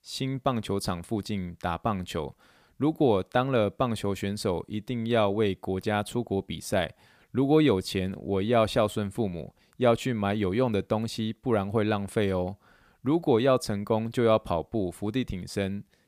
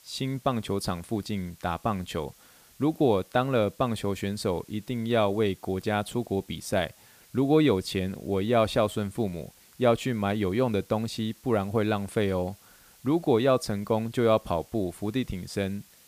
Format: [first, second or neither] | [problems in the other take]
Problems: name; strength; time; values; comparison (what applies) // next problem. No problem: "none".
first | hiss; faint; throughout; 25 dB below the speech